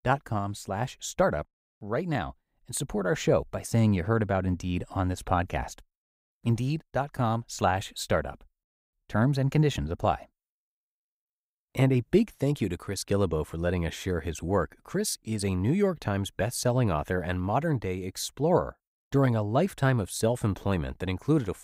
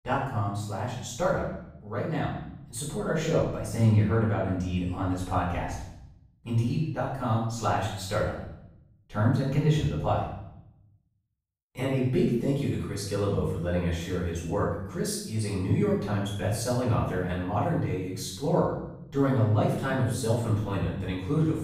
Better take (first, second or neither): first